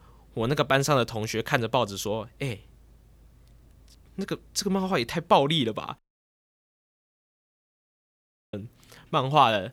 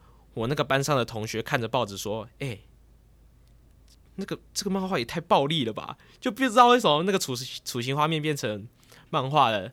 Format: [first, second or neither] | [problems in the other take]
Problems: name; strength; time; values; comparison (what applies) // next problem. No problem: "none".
second | audio cutting out; at 6 s for 2.5 s